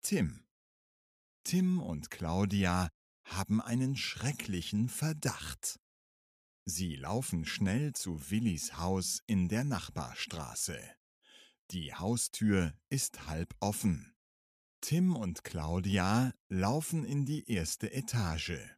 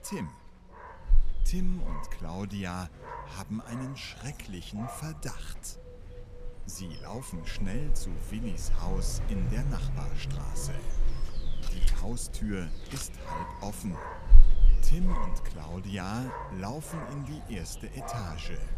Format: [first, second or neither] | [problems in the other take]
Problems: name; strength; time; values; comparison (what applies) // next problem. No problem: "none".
first | animal sounds; very loud; throughout; 4 dB above the speech